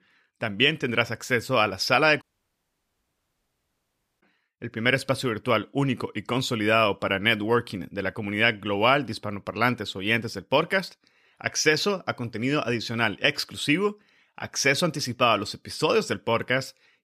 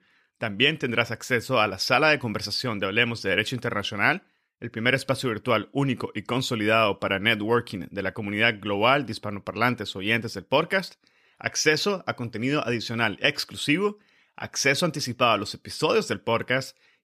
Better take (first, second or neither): second